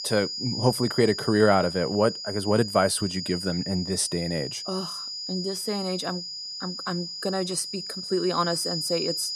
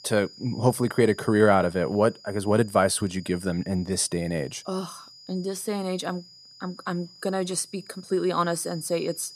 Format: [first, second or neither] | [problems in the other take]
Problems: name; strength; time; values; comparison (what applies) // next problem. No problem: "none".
second | high-pitched whine; loud; throughout; 5 kHz, 5 dB below the speech; faint in the second